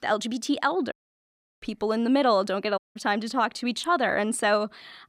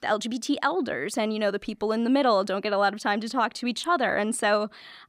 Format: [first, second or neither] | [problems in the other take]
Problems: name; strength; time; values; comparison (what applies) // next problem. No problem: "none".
second | audio cutting out; at 1 s for 0.5 s and at 3 s